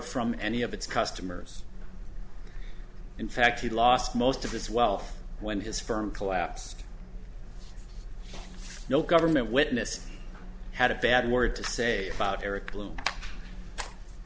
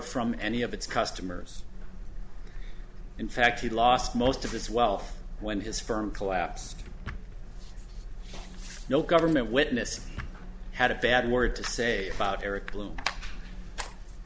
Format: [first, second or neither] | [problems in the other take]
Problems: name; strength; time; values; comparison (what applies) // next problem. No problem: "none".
first | background sound (Drawer open or close); 19 dB below the speech